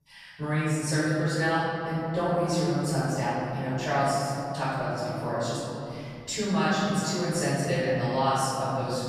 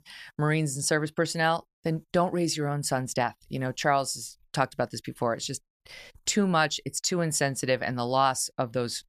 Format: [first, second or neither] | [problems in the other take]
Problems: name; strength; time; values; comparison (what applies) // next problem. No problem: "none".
second | off-mic speech; far // room echo; strong; dies away in 3 s